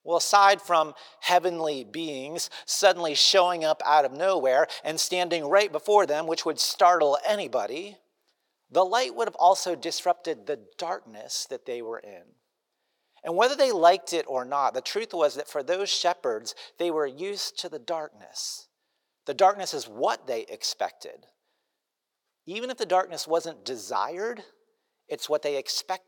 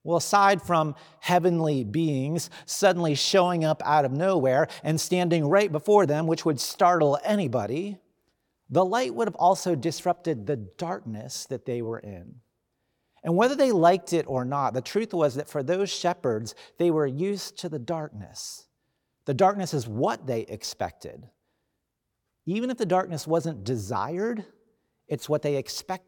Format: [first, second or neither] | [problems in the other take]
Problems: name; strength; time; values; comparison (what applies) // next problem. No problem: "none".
second | thin; very; fading below 550 Hz